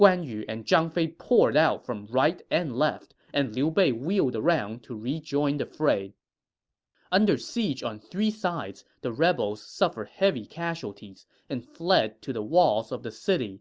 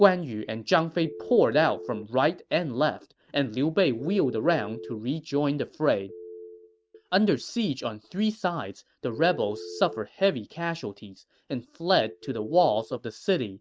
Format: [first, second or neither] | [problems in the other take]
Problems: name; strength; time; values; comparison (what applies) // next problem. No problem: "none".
first | noise reduction (neural mask model RNNoise)